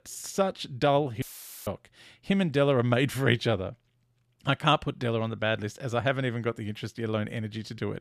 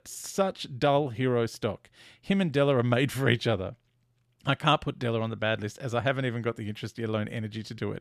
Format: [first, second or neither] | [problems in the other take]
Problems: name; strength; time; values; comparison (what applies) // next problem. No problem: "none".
second | audio cutting out; filled with static; at 1 s